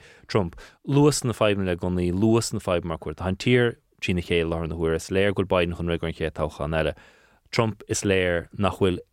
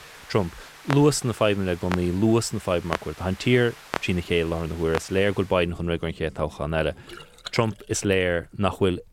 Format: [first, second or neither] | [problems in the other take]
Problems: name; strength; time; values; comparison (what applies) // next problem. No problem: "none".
first | household noises; noticeable; throughout; 15 dB below the speech